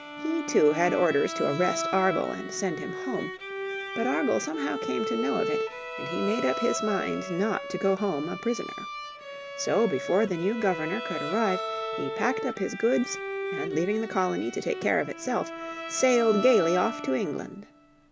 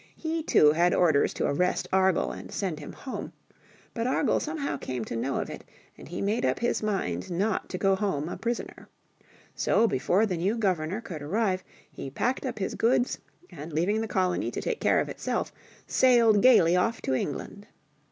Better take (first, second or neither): second